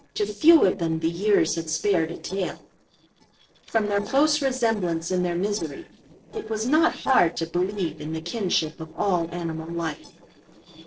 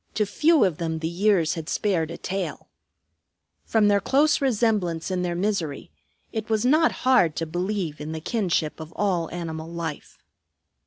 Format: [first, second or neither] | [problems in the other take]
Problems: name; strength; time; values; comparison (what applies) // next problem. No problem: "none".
second | noise reduction (neural separator model SepFormer DNS4)